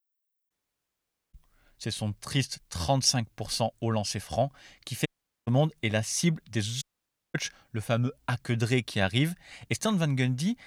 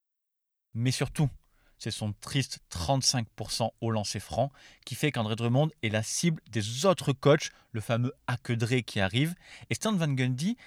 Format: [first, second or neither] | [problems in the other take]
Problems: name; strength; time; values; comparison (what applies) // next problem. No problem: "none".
second | audio cutting out; at 0.5 s for 1 s, at 5 s and at 7 s for 0.5 s